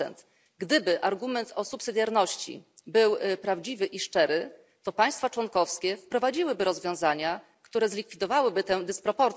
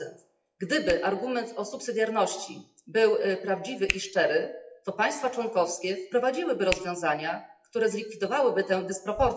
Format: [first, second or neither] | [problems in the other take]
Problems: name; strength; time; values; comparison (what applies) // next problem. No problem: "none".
first | noise reduction (classical method WPE with log-MMSE)